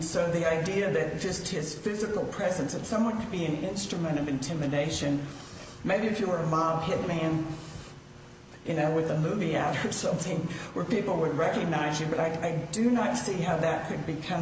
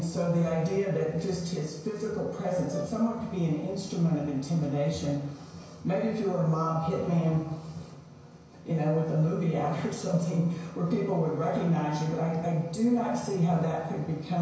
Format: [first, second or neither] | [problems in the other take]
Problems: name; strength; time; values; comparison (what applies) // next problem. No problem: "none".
first | background sound (Brass instrument); 15 dB below the speech // room echo; dies away in 0.6 s